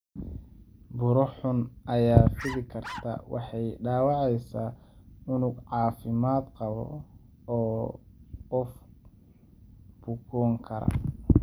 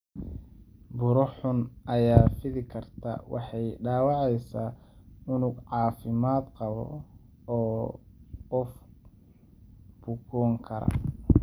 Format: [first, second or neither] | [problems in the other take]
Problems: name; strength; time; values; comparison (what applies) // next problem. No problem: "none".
second | background sound (Bark); 13 dB below the speech